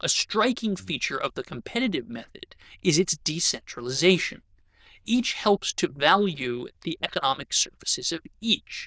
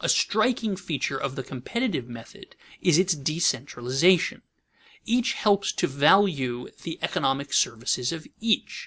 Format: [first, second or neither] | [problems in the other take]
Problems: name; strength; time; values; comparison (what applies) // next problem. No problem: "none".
second | noise reduction (neural diffusion model UNIVERSE++)